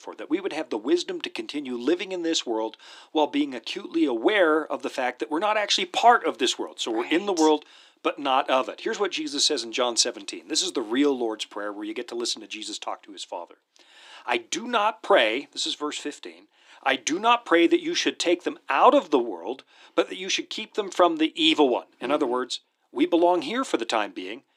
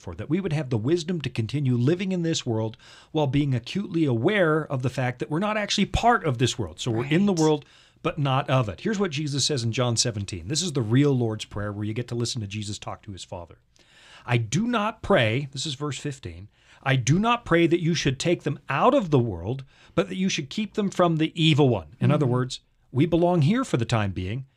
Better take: second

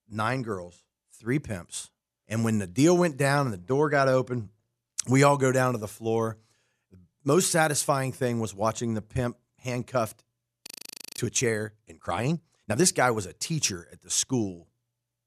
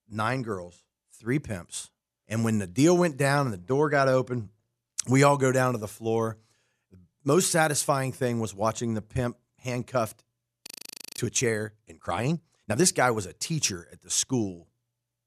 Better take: neither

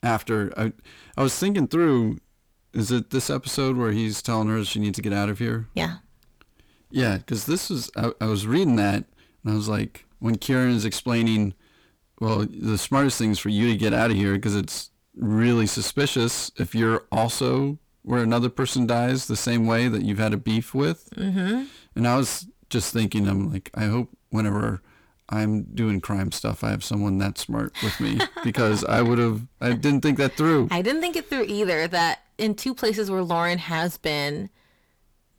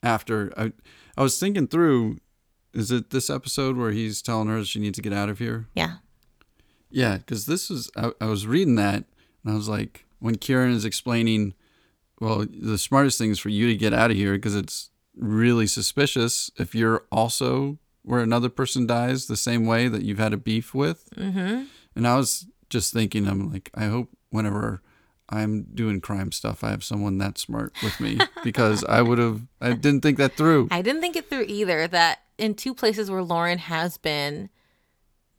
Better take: second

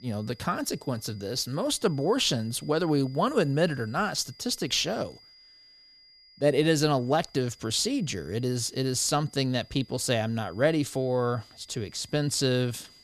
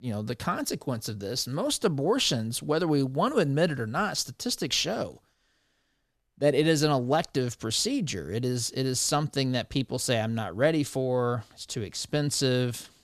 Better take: second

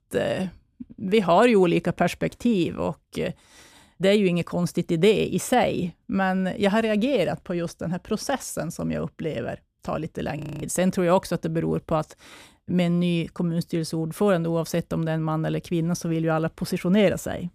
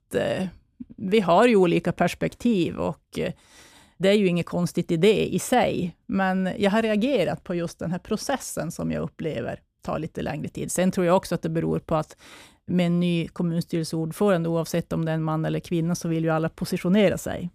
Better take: second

